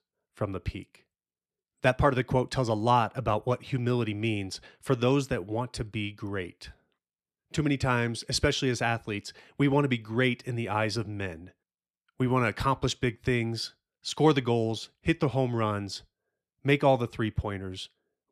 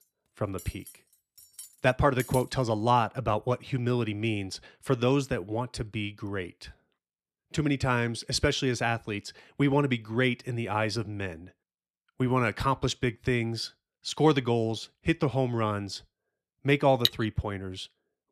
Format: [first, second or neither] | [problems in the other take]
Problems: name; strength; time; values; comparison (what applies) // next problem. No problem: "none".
first | clattering dishes; faint; from 0.5 to 2.5 s; peak 10 dB below the speech // clattering dishes; very faint; at 17 s; peak 1 dB above the speech